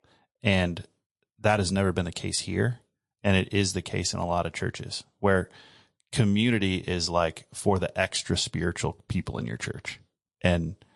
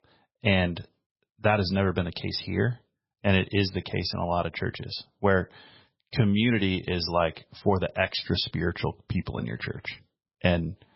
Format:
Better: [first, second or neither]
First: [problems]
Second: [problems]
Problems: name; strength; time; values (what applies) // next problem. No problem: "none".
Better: first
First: garbled, watery; slightly; nothing above 11 kHz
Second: garbled, watery; badly; nothing above 5.5 kHz